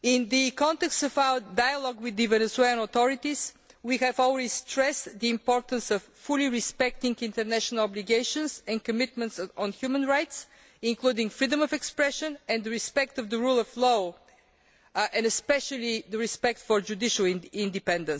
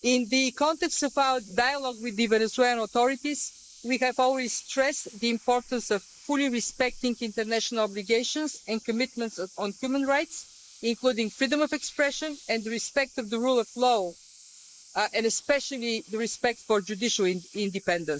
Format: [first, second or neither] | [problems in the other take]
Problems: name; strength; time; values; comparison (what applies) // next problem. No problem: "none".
first | noise reduction (neural mask model Resemble Enhance denoiser)